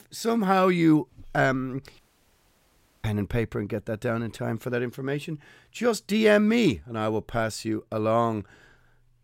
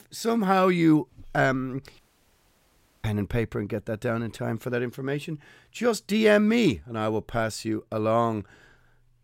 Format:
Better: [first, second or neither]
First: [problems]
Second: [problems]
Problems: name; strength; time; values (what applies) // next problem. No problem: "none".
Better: neither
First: audio cutting out; at 2 s for 1 s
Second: audio cutting out; at 2 s for 1 s